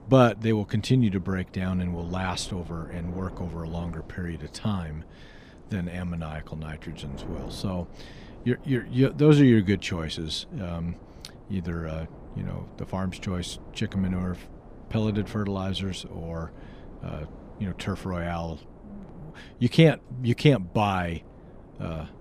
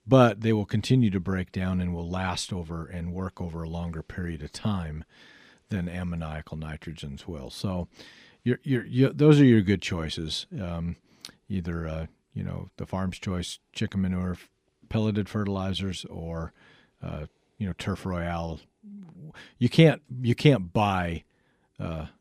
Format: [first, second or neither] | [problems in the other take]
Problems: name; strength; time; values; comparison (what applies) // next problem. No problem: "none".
second | wind noise on the microphone; occasional gusts; 20 dB below the speech